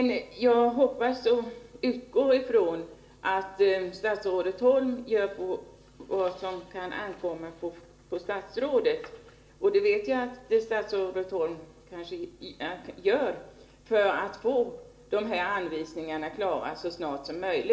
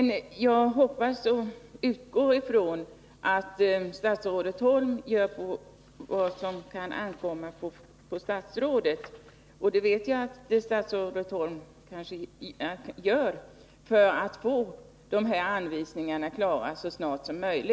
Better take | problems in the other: second | room echo; dies away in 0.5 s

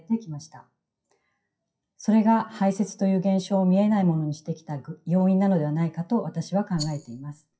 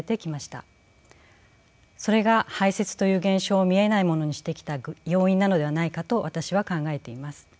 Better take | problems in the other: second | noise reduction (classical method WPE with log-MMSE)

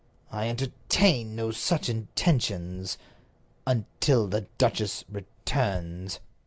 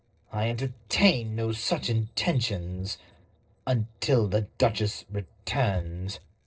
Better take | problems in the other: first | noise reduction (neural separator model SepFormer DNS4)

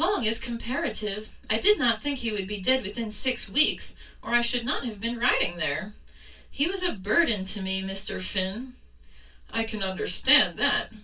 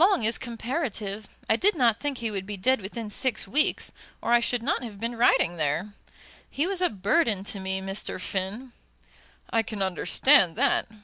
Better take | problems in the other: second | room echo; dies away in 0.2 s

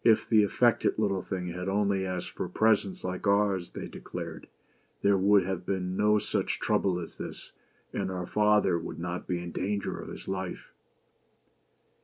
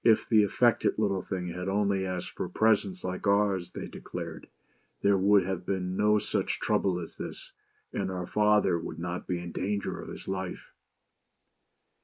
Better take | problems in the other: first | noise reduction (neural mask model Resemble Enhance denoiser)

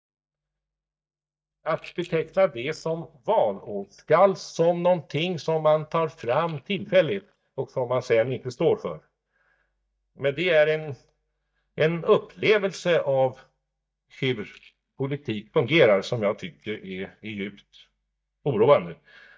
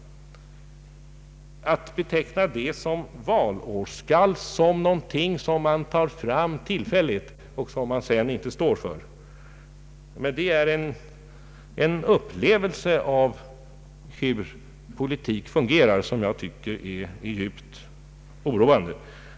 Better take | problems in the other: second | noise reduction (neural mask model DeepFilterNet 3)

